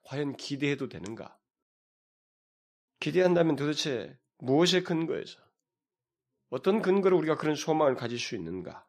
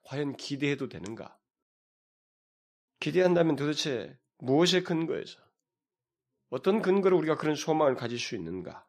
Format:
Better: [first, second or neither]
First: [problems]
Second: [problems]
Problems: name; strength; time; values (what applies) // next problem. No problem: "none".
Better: neither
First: none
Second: none